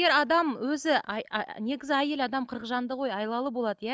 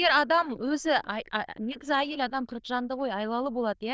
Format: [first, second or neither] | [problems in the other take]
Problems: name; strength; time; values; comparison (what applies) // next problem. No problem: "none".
first | noise reduction (neural diffusion model UNIVERSE++)